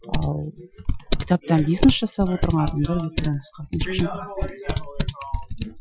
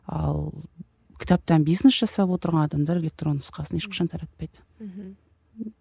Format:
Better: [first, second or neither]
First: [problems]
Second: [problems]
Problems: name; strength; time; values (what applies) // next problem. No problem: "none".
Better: second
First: noise reduction (classical method Wiener filter)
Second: none